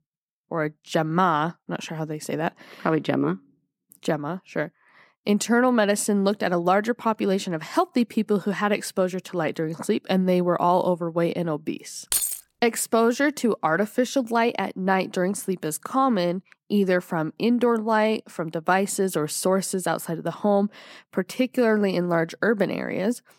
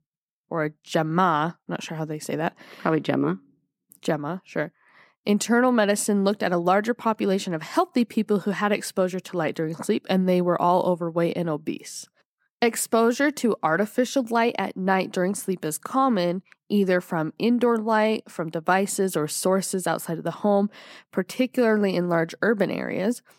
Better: second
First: jangling keys; loud; at 12 s; peak 1 dB above the speech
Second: none

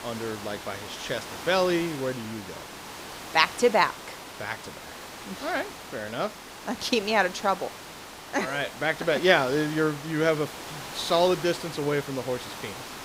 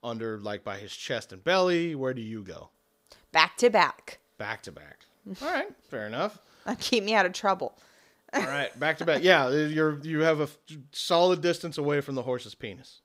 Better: second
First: hiss; noticeable; throughout; 10 dB below the speech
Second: none

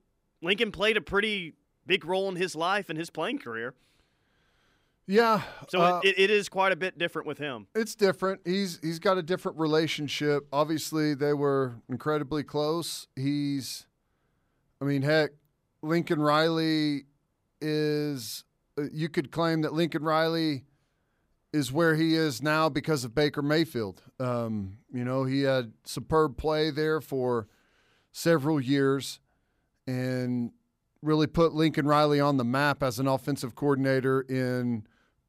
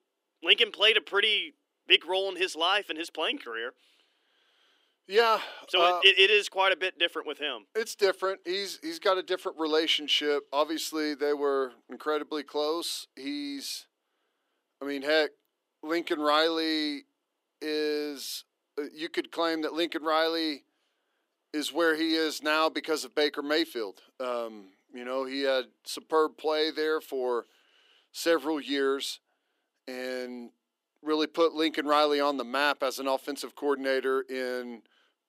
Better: first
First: none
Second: thin; somewhat; fading below 300 Hz

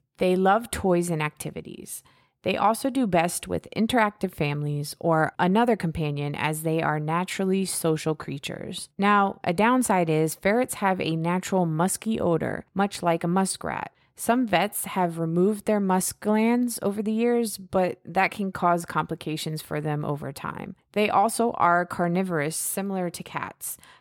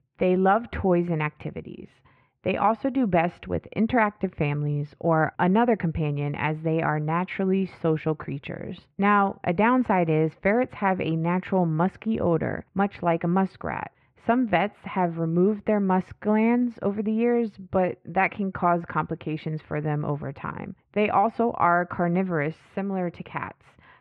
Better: first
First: none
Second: muffled; very; fading above 2.5 kHz

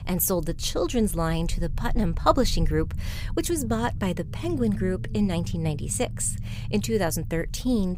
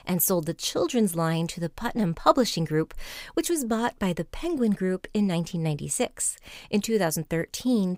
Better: second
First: low rumble; noticeable; throughout; 20 dB below the speech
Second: none

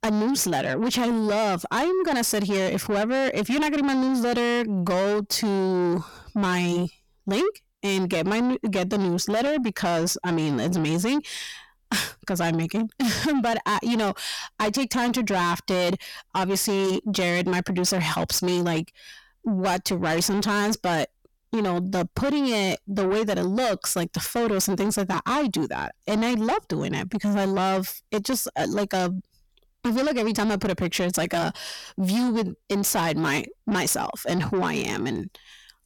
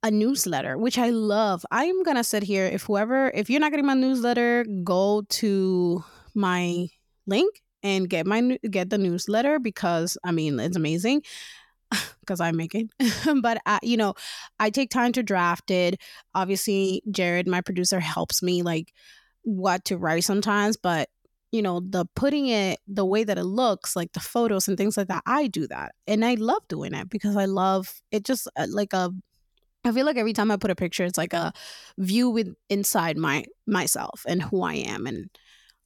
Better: second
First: distortion; heavy; 8 dB below the speech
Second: none

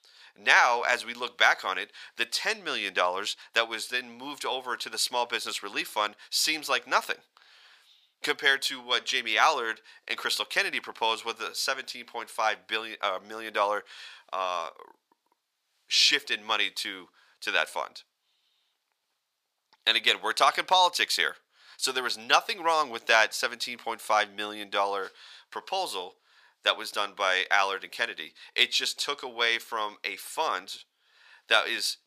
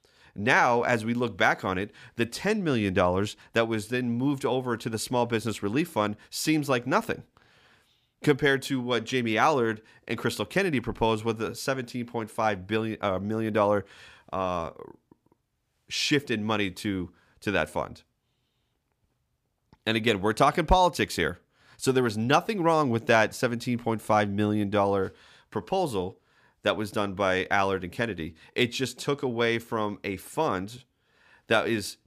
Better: second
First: thin; very; fading below 850 Hz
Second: none

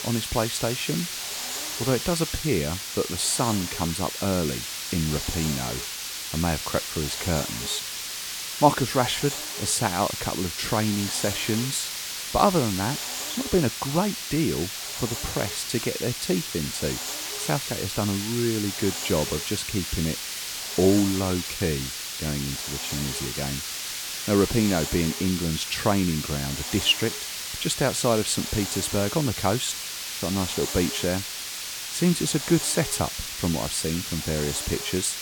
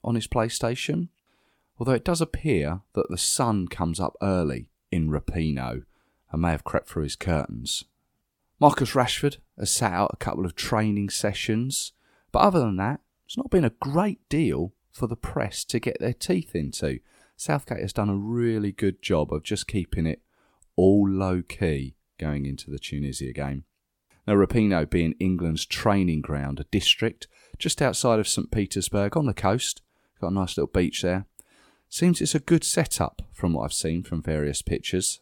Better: second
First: hiss; loud; throughout; 3 dB below the speech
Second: none

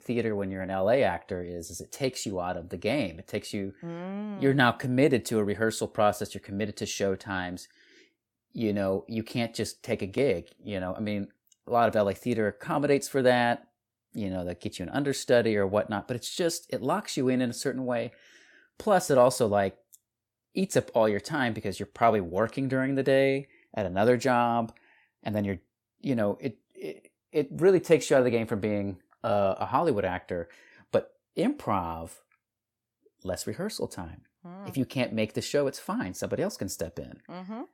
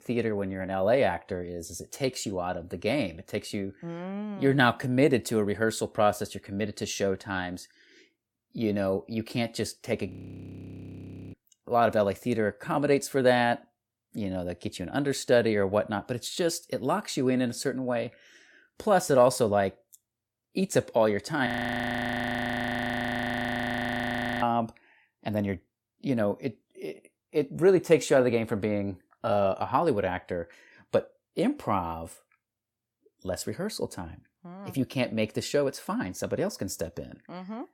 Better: first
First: none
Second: audio freezing; at 10 s for 1 s and at 21 s for 3 s

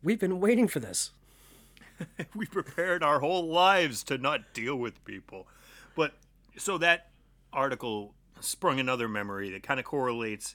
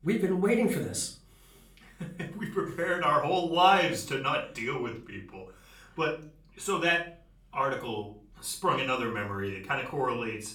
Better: first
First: none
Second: off-mic speech; far // room echo; slight; dies away in 0.4 s

